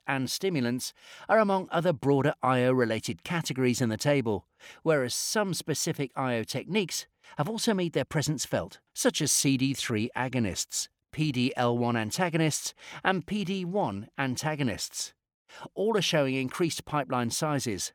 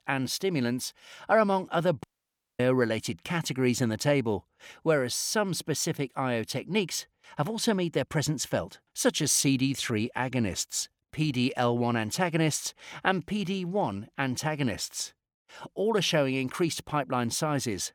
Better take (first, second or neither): first